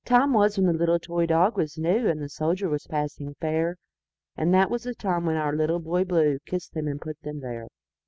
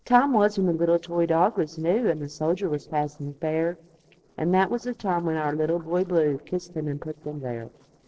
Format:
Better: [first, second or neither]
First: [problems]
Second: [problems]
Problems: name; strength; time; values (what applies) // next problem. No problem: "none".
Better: first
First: none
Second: noise reduction (neural separator model SepFormer DNS4)